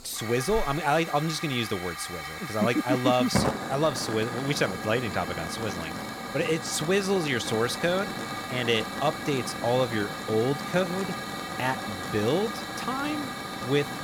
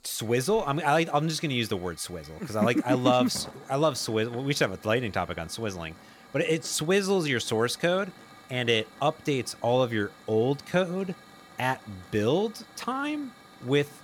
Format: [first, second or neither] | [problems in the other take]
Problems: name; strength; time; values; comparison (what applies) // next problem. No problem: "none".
second | hiss; loud; throughout; 6 dB below the speech; faint in the second